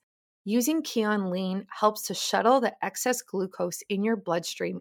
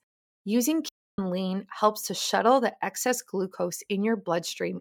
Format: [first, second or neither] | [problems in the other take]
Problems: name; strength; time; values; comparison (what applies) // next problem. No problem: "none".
first | audio cutting out; at 1 s